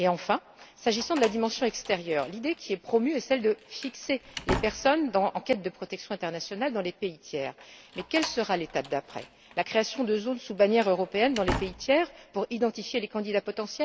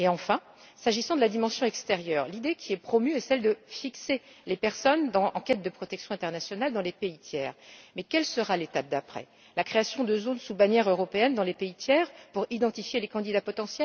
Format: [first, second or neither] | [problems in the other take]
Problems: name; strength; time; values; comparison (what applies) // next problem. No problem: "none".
second | background sound (Slam); 14 dB below the speech